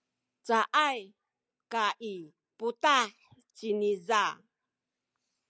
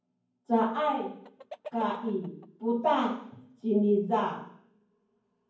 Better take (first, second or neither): first